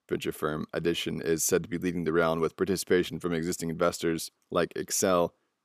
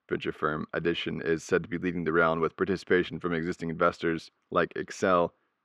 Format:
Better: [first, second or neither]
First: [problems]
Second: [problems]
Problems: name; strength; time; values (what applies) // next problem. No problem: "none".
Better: first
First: none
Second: muffled; very; fading above 2.5 kHz